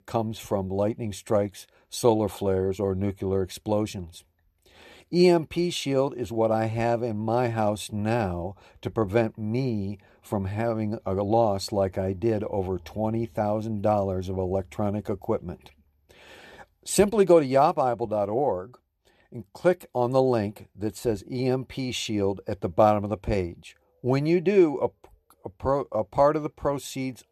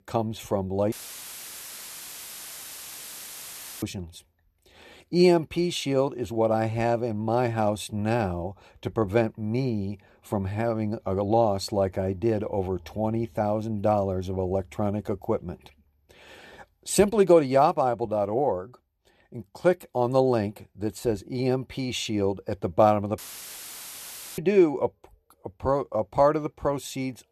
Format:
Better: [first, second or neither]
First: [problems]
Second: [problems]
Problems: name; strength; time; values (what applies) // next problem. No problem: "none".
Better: first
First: none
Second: audio cutting out; filled with static; at 1 s for 3 s and at 23 s for 1 s